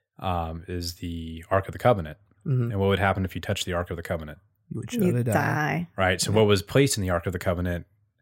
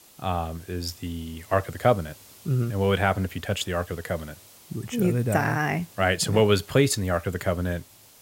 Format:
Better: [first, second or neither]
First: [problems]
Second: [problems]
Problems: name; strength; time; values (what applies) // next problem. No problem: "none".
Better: first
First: none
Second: hiss; faint; throughout; 25 dB below the speech